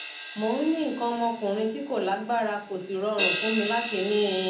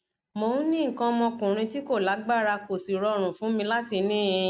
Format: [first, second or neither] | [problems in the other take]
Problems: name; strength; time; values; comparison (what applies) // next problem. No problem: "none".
second | background sound (Crash cymbal); 8 dB below the speech // room echo; dies away in 0.3 s